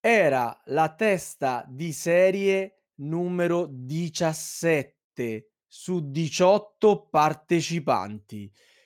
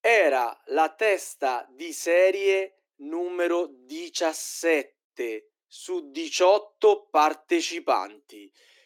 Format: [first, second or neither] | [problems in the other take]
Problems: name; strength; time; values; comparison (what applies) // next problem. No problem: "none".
first | thin; somewhat; fading below 300 Hz